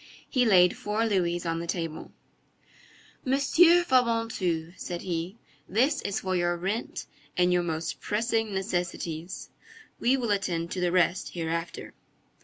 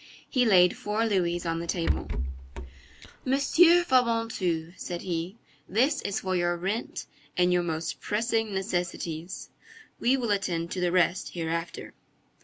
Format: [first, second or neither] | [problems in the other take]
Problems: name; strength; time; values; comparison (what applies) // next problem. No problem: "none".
first | background sound (Rattle / Breathing); 6 dB below the speech